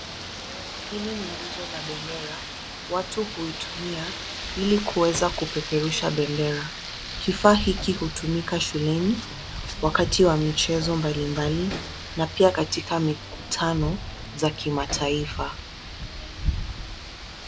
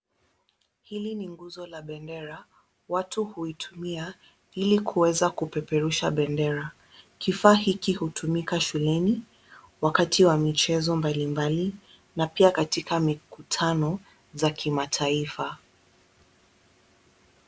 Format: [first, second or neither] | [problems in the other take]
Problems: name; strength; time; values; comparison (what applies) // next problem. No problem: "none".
second | background sound (Rain); 8 dB below the speech